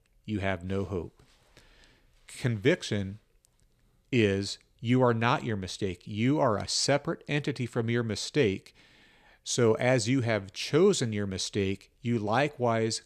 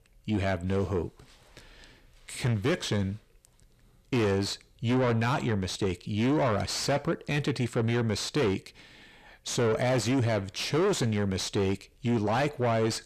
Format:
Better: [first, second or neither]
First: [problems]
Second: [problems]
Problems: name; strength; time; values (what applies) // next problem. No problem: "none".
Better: first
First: none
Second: distortion; heavy; 6 dB below the speech